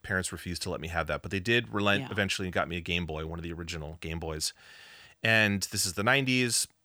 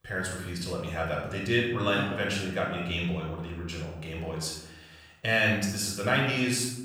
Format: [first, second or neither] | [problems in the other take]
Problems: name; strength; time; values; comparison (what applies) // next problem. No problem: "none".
first | off-mic speech; far // room echo; noticeable; dies away in 0.8 s